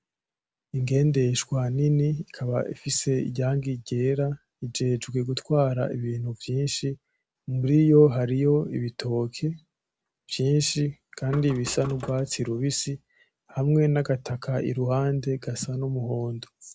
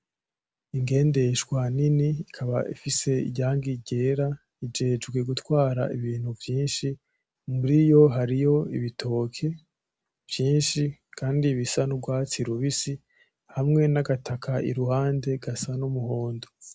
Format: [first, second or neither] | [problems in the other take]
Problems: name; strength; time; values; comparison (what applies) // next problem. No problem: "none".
second | background sound (Knock); 18 dB below the speech